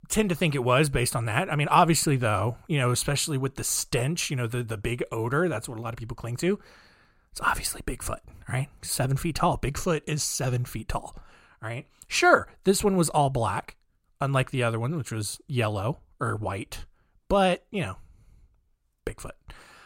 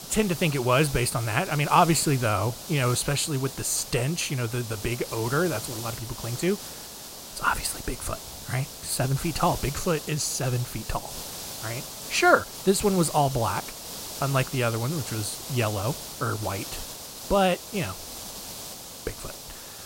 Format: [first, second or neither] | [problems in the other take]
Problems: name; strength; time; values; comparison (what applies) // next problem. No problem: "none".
first | hiss; loud; throughout; 10 dB below the speech